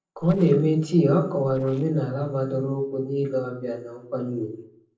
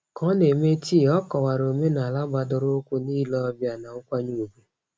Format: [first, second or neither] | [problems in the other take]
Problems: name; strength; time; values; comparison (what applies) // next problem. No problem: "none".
second | noise reduction (neural separator model SepFormer DNS4)